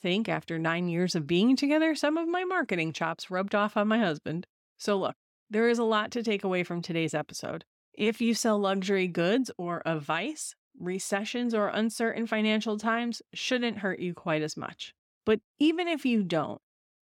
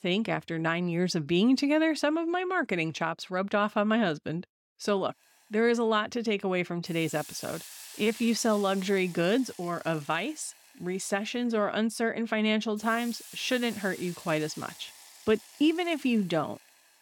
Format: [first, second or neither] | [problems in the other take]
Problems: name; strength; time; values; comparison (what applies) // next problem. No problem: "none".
first | hiss; noticeable; from 5 s on; 15 dB below the speech